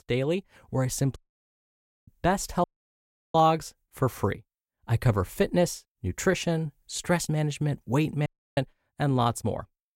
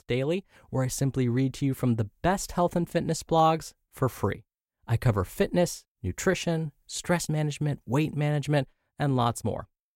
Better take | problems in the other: second | audio cutting out; at 1 s for 1 s, at 2.5 s for 0.5 s and at 8.5 s

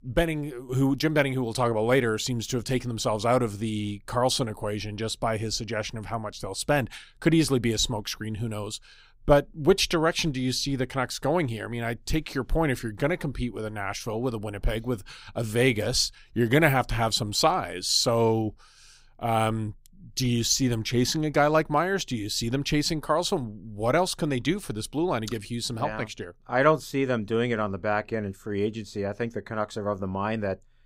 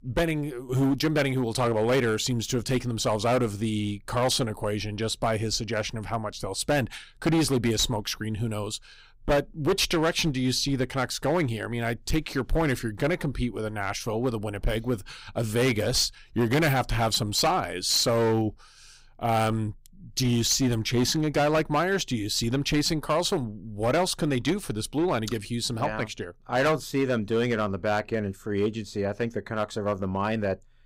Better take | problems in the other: first | distortion; slight; 6% of the sound clipped

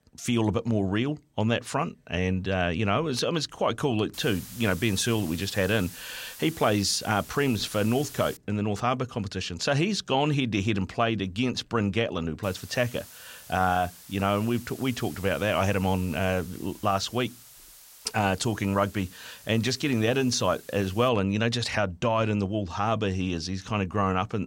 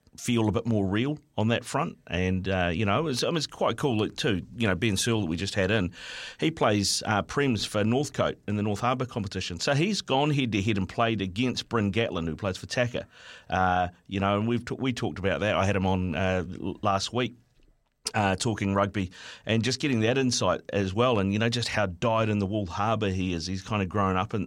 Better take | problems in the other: second | hiss; noticeable; from 4 to 8.5 s and from 12 to 21 s; 15 dB below the speech

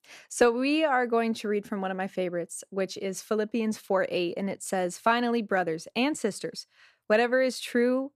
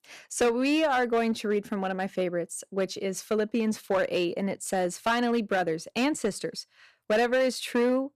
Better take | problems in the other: first | distortion; slight; 5% of the sound clipped

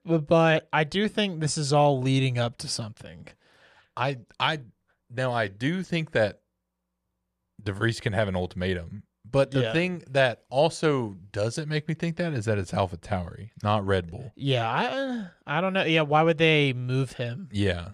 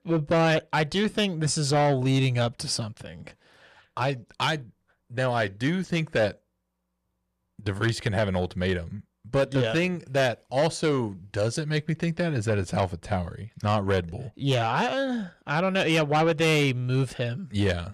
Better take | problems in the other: first | distortion; slight; 10 dB below the speech

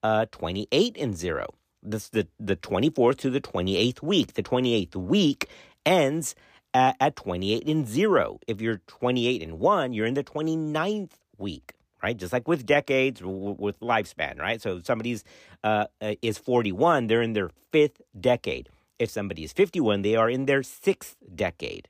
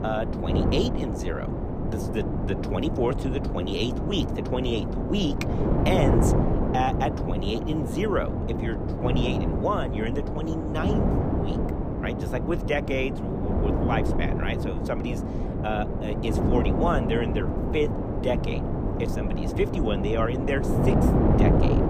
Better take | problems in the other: first | wind noise on the microphone; heavy; 1 dB below the speech

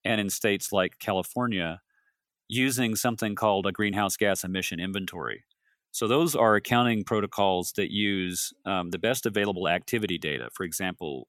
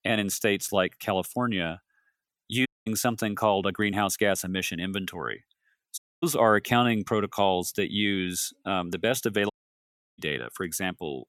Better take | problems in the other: first | audio cutting out; at 2.5 s, at 6 s and at 9.5 s for 0.5 s

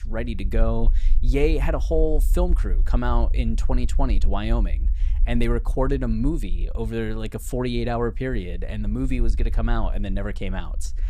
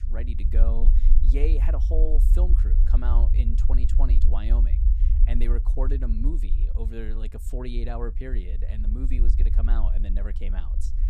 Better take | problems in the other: first | low rumble; loud; throughout; 7 dB below the speech; faint in the first

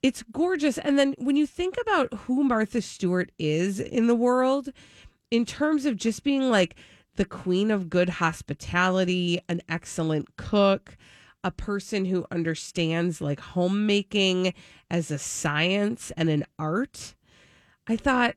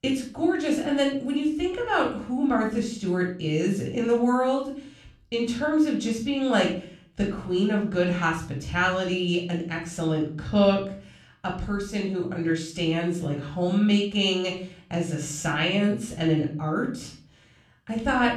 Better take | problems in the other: first | off-mic speech; somewhat distant // room echo; slight; dies away in 0.4 s

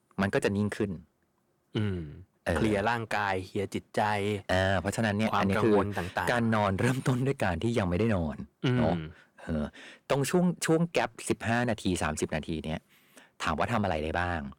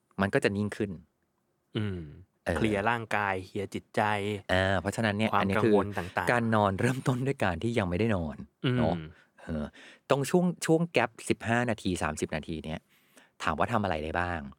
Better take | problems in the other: second | distortion; slight; 10 dB below the speech

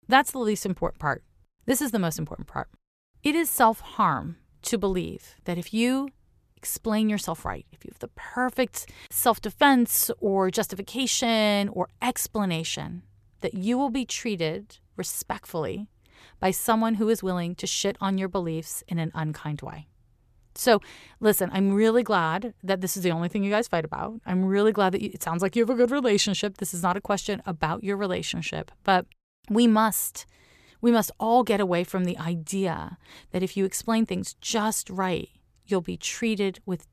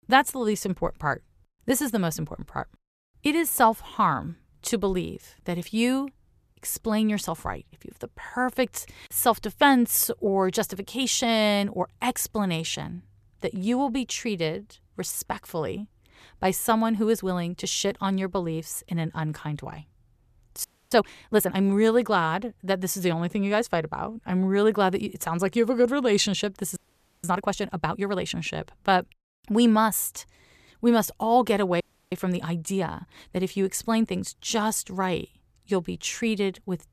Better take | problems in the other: first | audio freezing; at 21 s, at 27 s and at 32 s

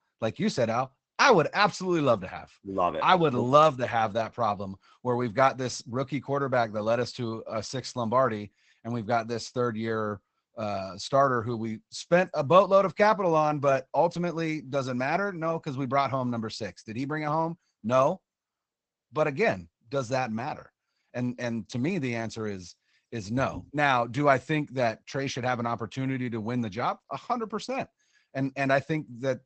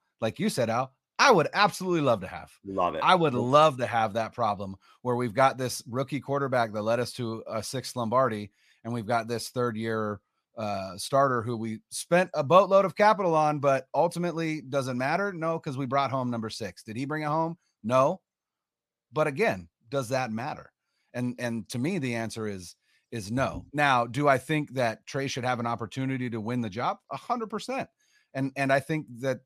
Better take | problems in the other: second | garbled, watery; badly; nothing above 8 kHz

